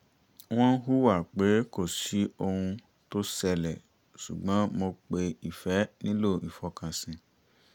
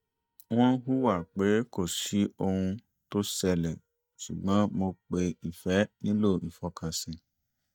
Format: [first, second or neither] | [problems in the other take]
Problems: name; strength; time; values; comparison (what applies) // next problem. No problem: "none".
first | noise reduction (neural mask model DeepFilterNet 3)